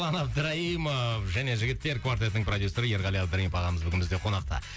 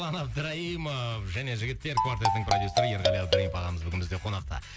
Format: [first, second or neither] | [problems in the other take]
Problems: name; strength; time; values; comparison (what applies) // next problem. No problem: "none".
first | background sound (Marimba, xylophone); 3 dB above the speech